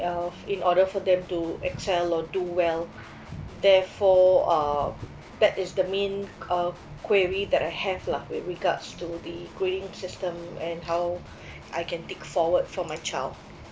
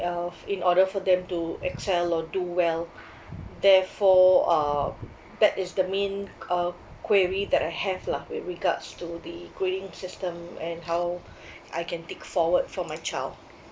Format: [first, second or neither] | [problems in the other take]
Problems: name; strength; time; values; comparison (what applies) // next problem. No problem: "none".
second | background sound (Guitar); 20 dB below the speech